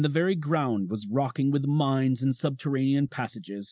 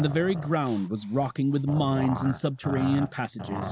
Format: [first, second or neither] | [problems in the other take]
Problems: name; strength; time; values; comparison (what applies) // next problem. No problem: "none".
first | background sound (Growling); 10 dB below the speech